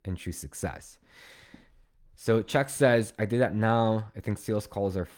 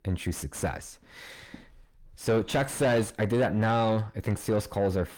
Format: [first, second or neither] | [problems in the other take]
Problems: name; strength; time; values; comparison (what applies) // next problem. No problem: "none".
first | distortion; heavy; 6 dB below the speech